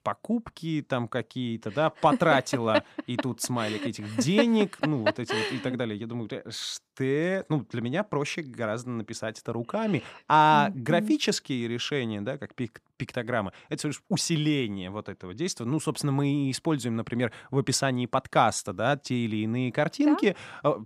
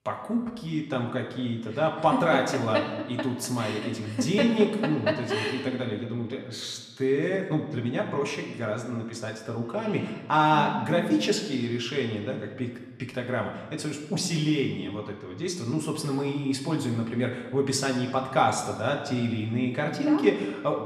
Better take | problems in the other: first | room echo; slight; dies away in 1 s // off-mic speech; somewhat distant

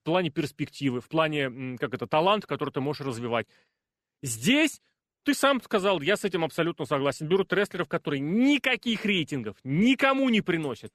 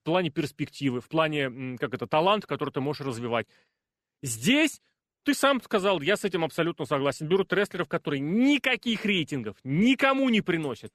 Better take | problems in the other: neither | none

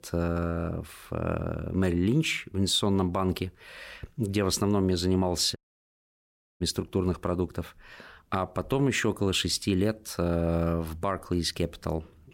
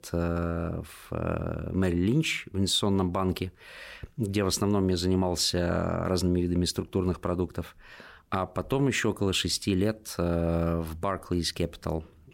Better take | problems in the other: second | audio cutting out; at 5.5 s for 1 s

